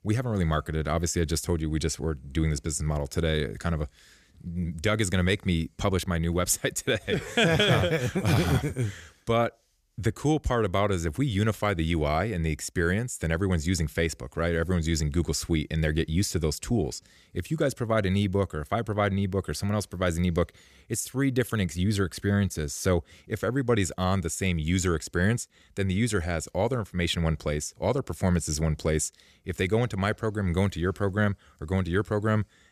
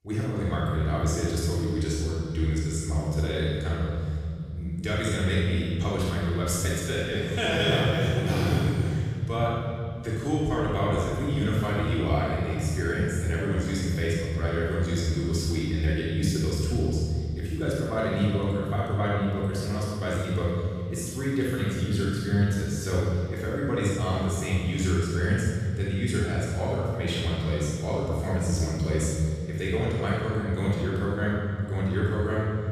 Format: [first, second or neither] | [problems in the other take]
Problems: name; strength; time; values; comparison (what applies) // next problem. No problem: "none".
first | off-mic speech; far // room echo; strong; dies away in 3 s